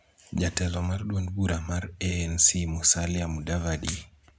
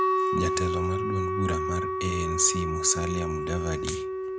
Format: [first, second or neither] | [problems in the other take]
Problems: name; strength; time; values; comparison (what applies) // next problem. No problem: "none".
first | background sound (Wind instrument, woodwind instrument); 1 dB above the speech